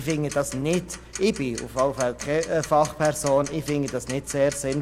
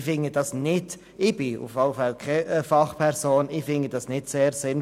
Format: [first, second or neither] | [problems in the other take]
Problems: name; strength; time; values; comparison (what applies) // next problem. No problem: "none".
second | background sound (Tick-tock); 15 dB below the speech